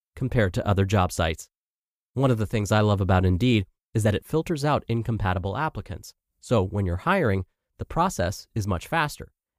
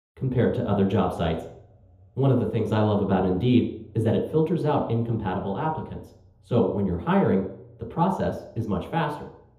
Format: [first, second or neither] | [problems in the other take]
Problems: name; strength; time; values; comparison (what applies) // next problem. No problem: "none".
first | room echo; noticeable; dies away in 0.7 s // off-mic speech; far